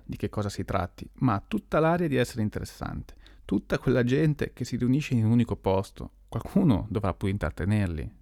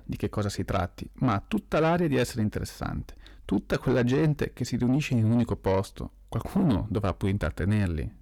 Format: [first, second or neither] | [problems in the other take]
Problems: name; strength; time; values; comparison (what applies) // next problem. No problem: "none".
first | distortion; slight; 10 dB below the speech